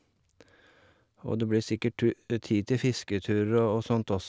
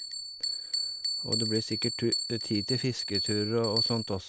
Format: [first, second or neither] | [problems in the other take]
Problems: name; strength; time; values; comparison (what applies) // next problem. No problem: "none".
first | background sound (Bell); 1 dB below the speech